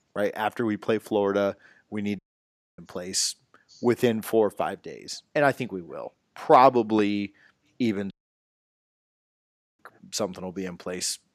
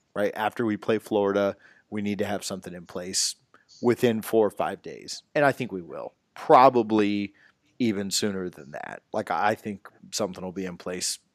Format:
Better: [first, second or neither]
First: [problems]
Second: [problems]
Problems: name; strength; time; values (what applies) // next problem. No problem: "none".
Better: second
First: audio cutting out; at 2 s for 0.5 s and at 8 s for 1.5 s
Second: none